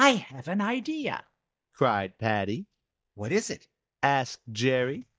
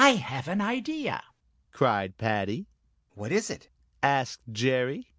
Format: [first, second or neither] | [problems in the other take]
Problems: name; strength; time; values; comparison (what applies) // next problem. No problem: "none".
second | noise reduction (neural mask model DeepFilterNet 3)